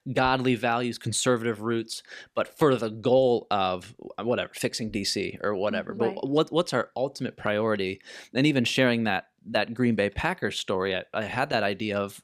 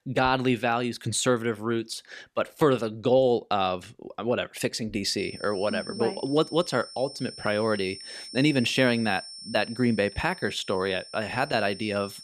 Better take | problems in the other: first | high-pitched whine; noticeable; from 5 s on; 5.5 kHz, 15 dB below the speech

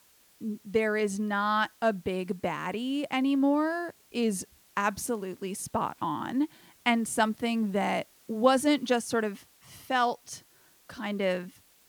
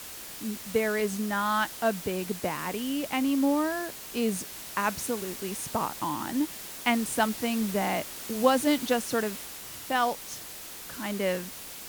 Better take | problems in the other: first | hiss; loud; throughout; 9 dB below the speech; faint in the first

